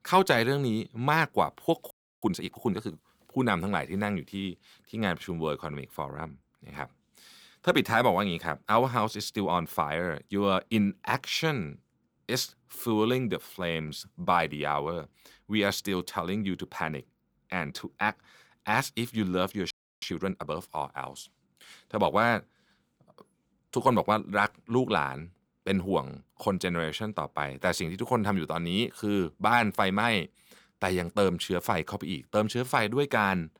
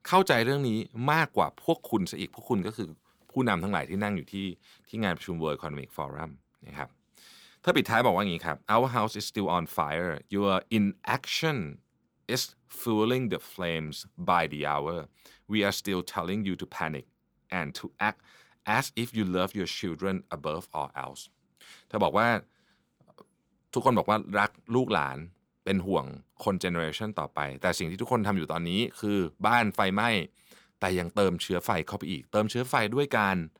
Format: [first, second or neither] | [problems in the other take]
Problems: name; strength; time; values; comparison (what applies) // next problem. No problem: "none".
second | audio freezing; at 2 s and at 20 s